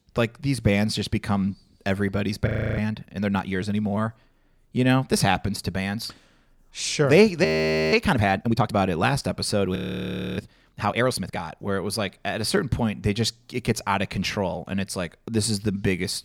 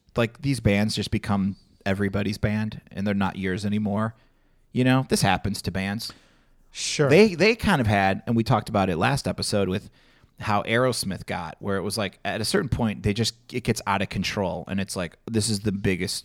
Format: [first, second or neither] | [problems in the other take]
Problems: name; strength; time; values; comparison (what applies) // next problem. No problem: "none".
second | audio freezing; at 2.5 s, at 7.5 s and at 10 s for 0.5 s